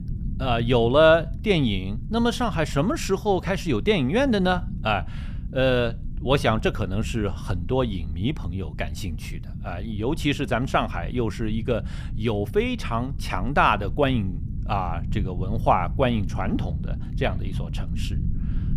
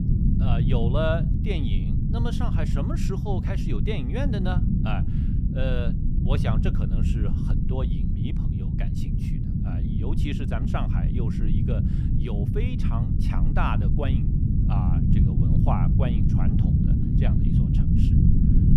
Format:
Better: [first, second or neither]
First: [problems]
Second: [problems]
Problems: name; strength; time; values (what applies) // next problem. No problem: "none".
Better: first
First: low rumble; faint; throughout; 20 dB below the speech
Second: low rumble; loud; throughout; 1 dB below the speech